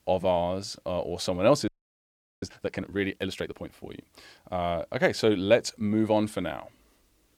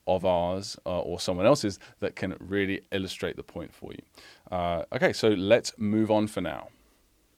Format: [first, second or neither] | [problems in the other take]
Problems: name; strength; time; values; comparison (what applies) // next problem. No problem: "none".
second | audio freezing; at 1.5 s for 0.5 s